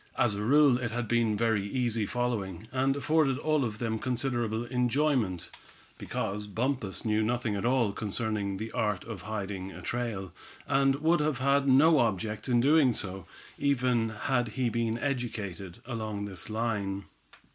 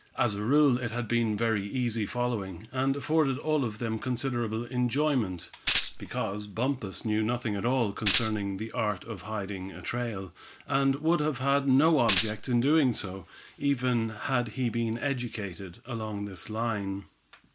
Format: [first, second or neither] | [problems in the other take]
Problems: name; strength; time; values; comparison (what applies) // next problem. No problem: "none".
first | background sound (Tambourine); 3 dB below the speech